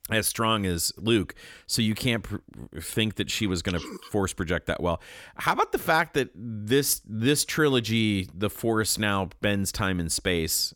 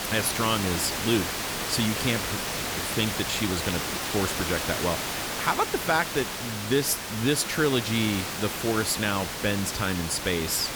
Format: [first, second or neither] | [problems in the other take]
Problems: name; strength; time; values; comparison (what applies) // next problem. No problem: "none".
first | hiss; loud; throughout; 2 dB below the speech